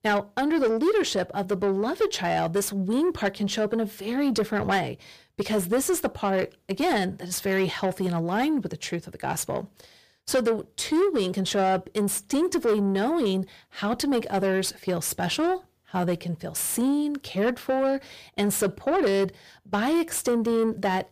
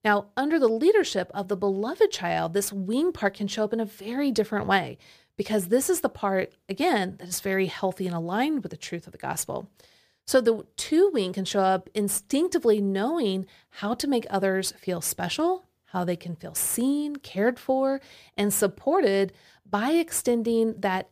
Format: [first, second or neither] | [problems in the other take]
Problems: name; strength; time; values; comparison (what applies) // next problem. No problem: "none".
second | distortion; slight; 10 dB below the speech